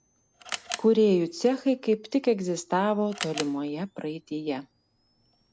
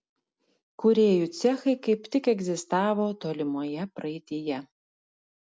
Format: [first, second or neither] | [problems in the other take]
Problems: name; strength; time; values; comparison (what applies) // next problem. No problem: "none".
second | background sound (Camera); 16 dB below the speech